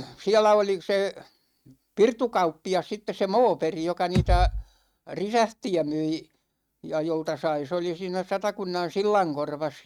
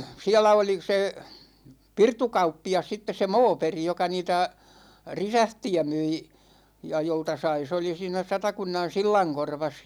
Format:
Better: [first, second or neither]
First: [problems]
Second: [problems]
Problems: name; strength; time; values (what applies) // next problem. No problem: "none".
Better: second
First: noise reduction (neural mask model RNNoise)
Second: none